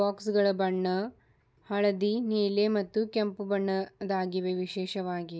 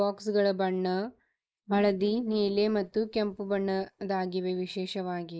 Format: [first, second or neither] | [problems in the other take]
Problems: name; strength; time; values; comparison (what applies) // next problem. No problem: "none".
first | noise reduction (neural mask model Resemble Enhance denoiser)